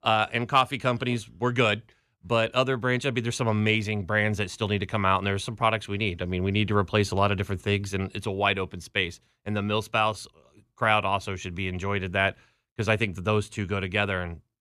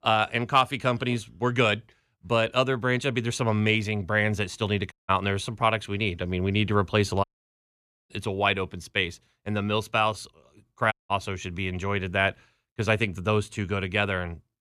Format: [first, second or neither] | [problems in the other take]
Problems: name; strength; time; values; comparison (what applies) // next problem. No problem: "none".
first | audio cutting out; at 5 s, at 7 s for 1 s and at 11 s